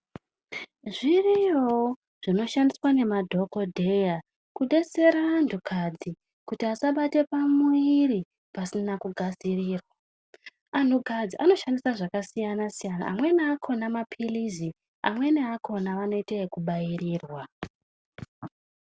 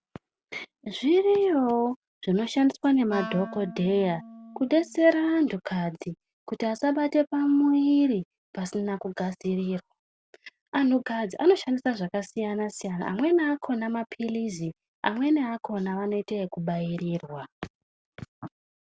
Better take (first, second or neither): first